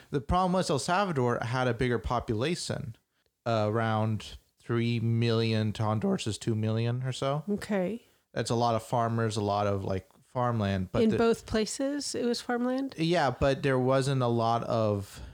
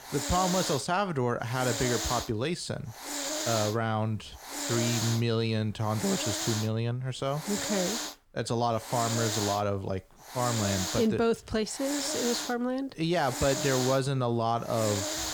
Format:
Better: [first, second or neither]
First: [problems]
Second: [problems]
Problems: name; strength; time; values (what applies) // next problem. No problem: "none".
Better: first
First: none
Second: hiss; loud; throughout; 3 dB below the speech